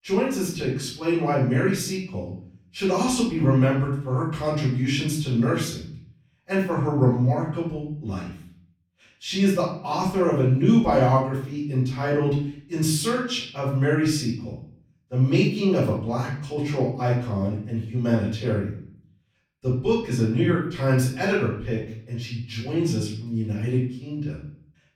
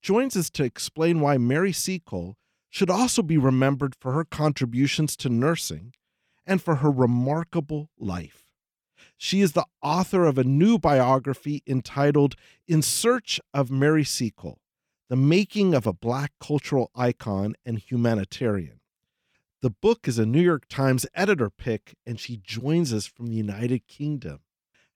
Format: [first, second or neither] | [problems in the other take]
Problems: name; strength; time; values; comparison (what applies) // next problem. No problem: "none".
second | off-mic speech; far // room echo; noticeable; dies away in 0.6 s